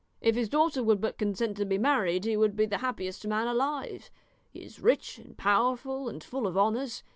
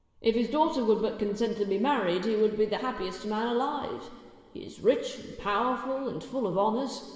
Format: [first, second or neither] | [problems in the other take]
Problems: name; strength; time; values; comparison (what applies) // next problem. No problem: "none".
first | room echo; dies away in 2.9 s